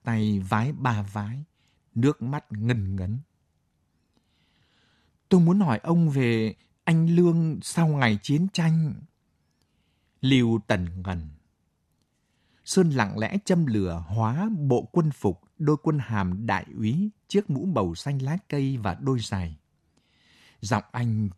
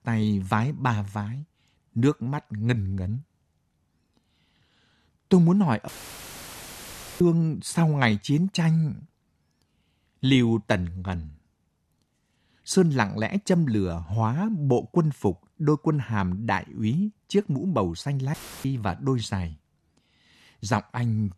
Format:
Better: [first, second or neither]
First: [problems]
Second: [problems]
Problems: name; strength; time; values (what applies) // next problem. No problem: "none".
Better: first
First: none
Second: audio cutting out; filled with static; at 6 s for 1.5 s and at 18 s